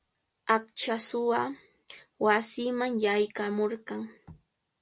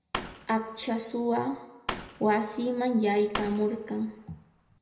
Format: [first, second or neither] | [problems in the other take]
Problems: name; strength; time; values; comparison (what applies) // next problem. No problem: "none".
first | background sound (Fireworks); 12 dB below the speech // room echo; dies away in 0.8 s